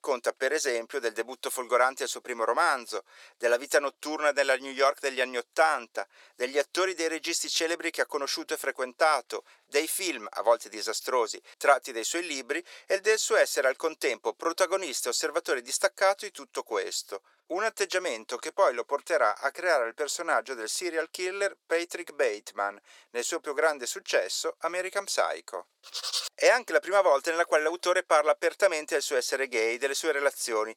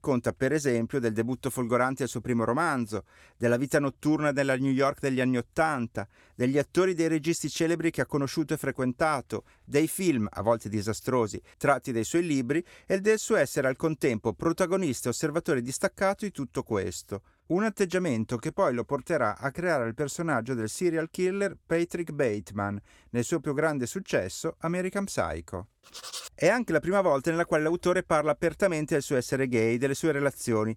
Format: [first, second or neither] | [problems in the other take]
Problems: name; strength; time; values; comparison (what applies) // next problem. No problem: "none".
second | thin; very; fading below 450 Hz